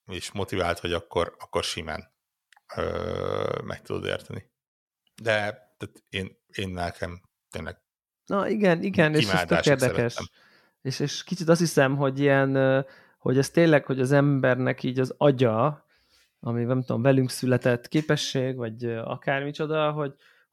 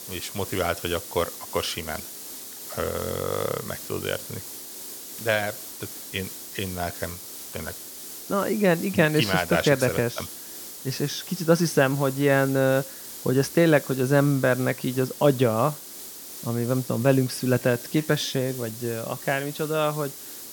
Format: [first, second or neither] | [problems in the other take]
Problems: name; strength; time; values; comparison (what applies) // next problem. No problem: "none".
first | hiss; noticeable; throughout; 10 dB below the speech